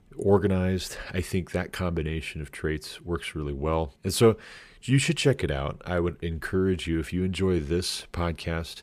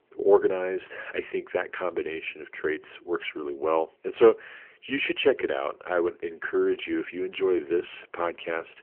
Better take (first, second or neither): first